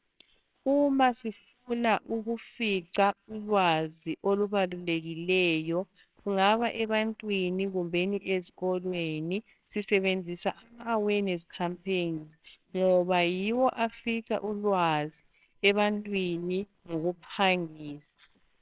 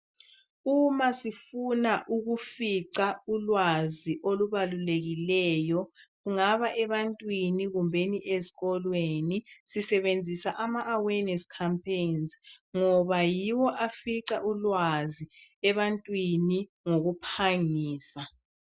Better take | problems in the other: second | noise reduction (neural separator model SepFormer WHAMR!)

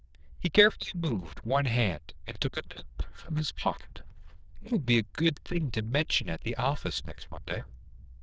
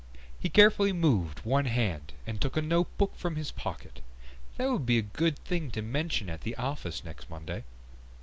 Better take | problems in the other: second | noise reduction (neural diffusion model UNIVERSE++)

